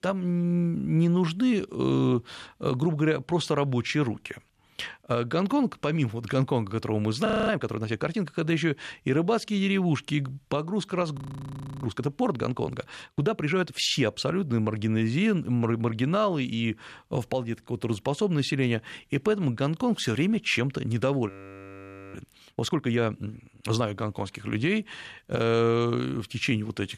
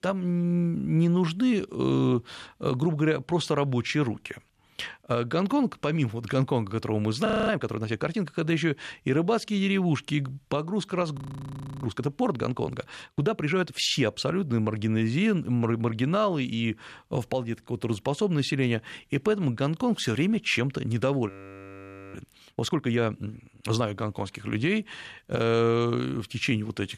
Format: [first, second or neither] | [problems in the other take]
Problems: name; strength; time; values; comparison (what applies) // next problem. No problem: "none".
neither | audio freezing; at 7.5 s, at 11 s for 0.5 s and at 21 s for 1 s; the same in both